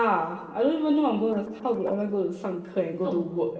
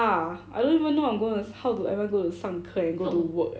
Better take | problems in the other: second | noise reduction (neural separator model SepFormer DNS4)

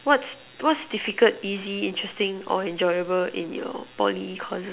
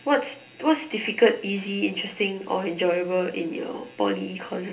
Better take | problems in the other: first | room echo; dies away in 0.3 s

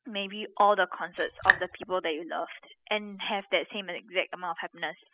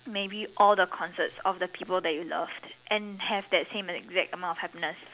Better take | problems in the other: second | noise reduction (classical method spectral subtraction)

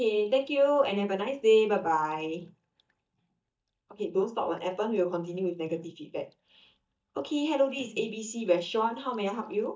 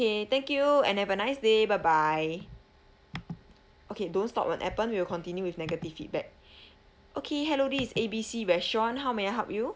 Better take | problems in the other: second | noise reduction (neural mask model DeepFilterNet 3)

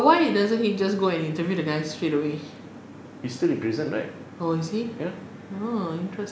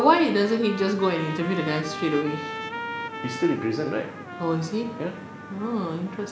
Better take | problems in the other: first | background sound (Trumpet); 11 dB below the speech

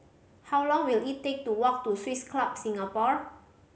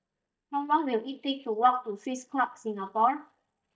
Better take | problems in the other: first | noise reduction (neural mask model DeepFilterNet 3)

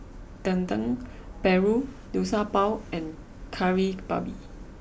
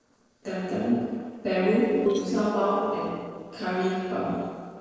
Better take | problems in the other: first | noise reduction (neural separator model SepFormer DNS4)

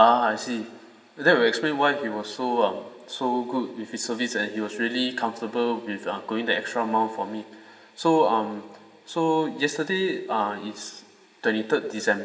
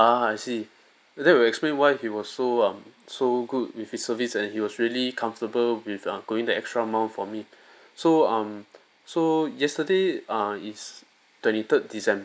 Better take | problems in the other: second | room echo; dies away in 2.1 s

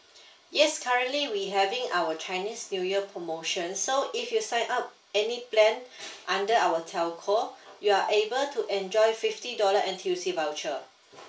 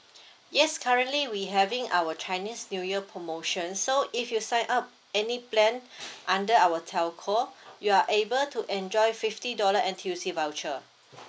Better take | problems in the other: second | room echo; dies away in 0.3 s

